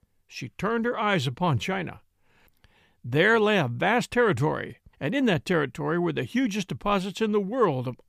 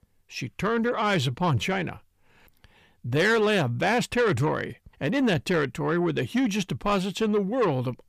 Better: first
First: none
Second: distortion; slight; 10 dB below the speech

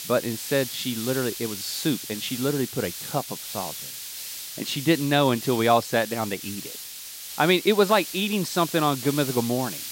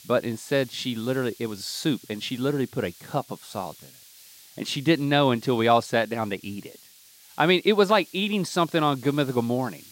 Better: second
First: hiss; loud; throughout; 8 dB below the speech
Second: hiss; faint; throughout; 20 dB below the speech

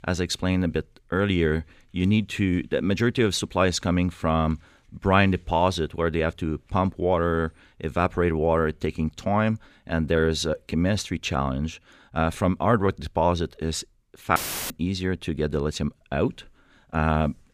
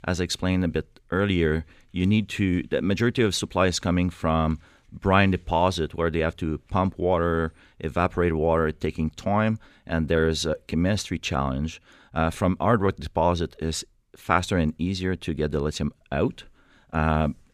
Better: second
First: audio cutting out; filled with static; at 14 s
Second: none

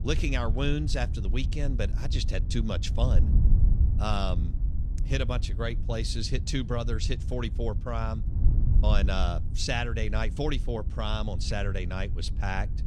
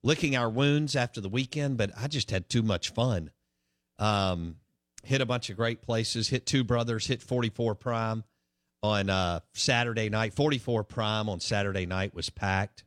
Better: second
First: wind noise on the microphone; occasional gusts; 15 dB below the speech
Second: none

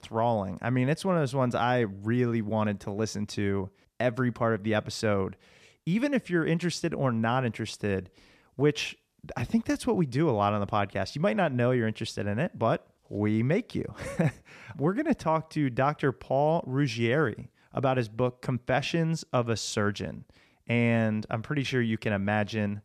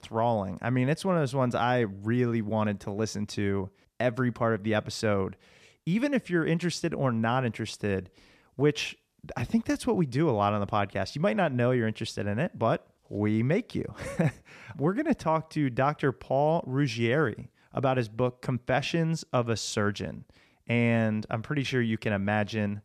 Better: neither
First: none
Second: none

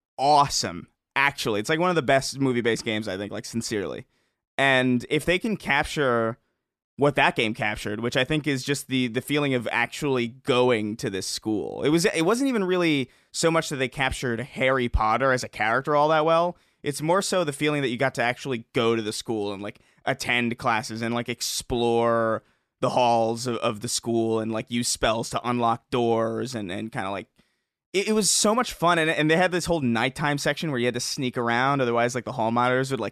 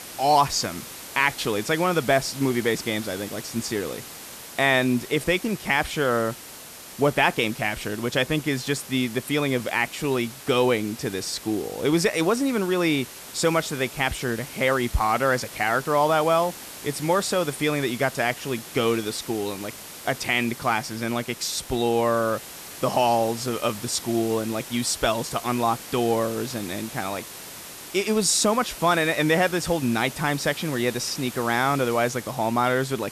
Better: first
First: none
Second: hiss; noticeable; throughout; 15 dB below the speech

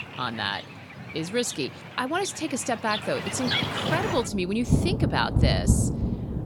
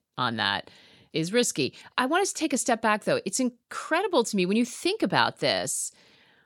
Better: second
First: rain or running water; very loud; throughout; 2 dB above the speech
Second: none

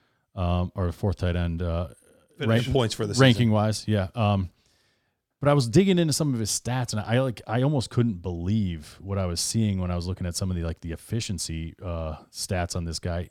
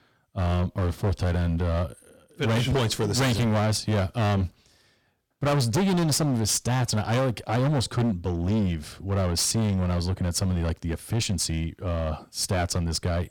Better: first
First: none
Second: distortion; heavy; 20% of the sound clipped

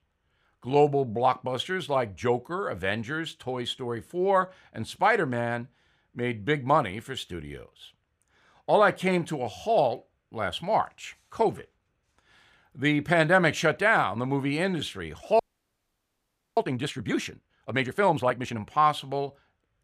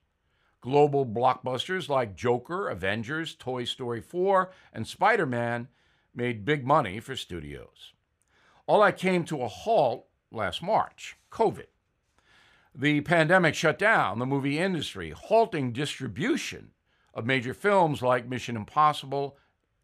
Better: second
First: audio freezing; at 15 s for 1 s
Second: none

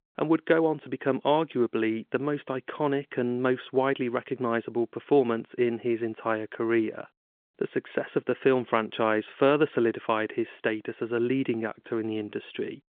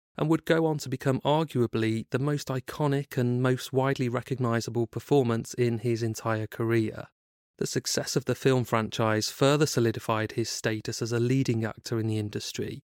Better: second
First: phone-call audio; nothing above 3.5 kHz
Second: none

